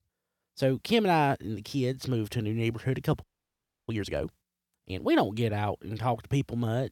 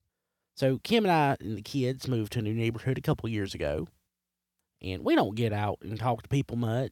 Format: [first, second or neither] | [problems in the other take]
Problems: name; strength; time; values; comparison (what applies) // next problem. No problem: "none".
second | audio freezing; at 3 s for 0.5 s